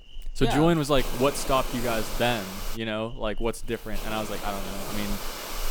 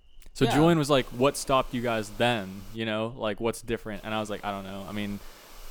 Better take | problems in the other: second | hiss; loud; throughout; 9 dB below the speech; faint in the second

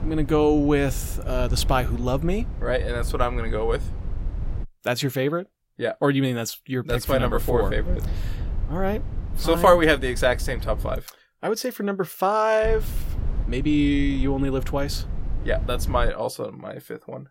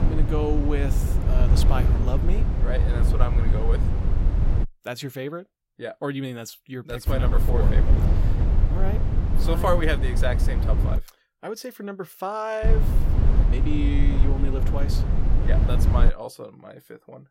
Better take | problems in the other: first | low rumble; loud; until 4.5 s, from 7 to 11 s and from 13 to 16 s; 5 dB below the speech; faint in the first

